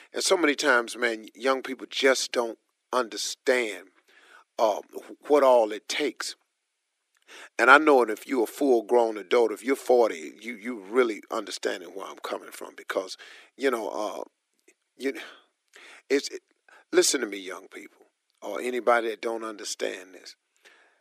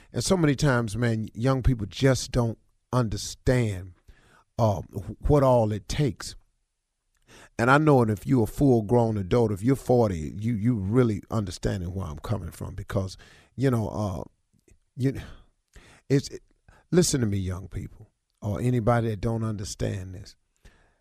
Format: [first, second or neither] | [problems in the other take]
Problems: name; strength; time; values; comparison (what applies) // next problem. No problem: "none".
second | thin; somewhat; fading below 300 Hz